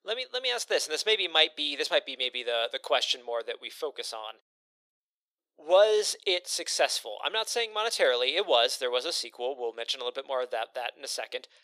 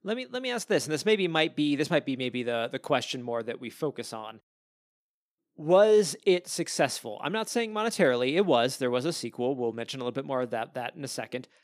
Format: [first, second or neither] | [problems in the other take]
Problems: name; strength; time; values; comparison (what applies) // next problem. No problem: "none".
second | thin; very; fading below 500 Hz